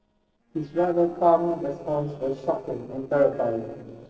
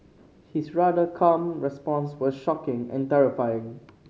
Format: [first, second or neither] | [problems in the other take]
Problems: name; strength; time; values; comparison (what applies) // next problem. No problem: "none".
second | noise reduction (neural separator model SepFormer DNS4)